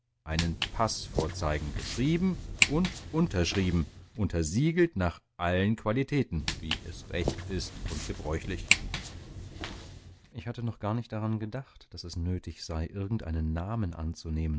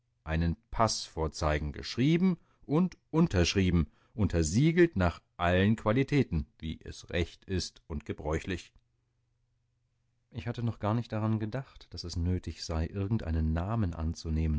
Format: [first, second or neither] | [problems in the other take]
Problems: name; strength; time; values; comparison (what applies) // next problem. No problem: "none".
second | background sound (Walk, footsteps); 3 dB below the speech